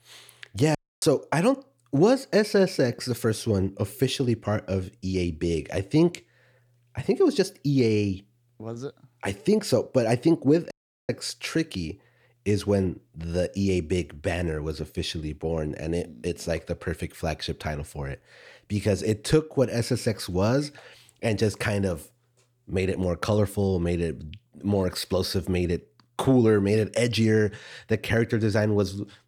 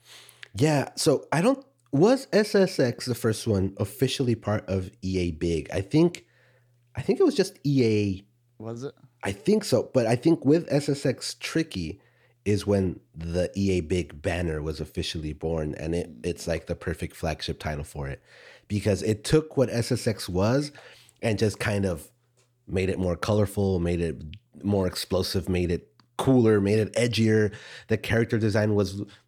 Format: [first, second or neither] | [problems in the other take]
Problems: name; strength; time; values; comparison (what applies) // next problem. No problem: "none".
second | audio cutting out; at 1 s and at 11 s